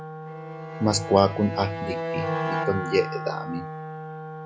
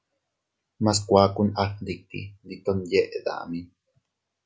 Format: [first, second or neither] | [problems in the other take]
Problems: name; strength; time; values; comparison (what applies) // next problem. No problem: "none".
second | background sound (Bowed string instrument + Wind instrument, woodwind instrument); 5 dB below the speech